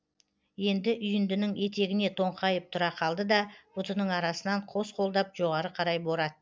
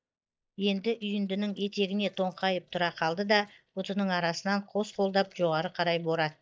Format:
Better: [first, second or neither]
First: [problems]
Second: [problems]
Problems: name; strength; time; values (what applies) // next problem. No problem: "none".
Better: first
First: none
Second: noise reduction (neural mask model DeepFilterNet 3)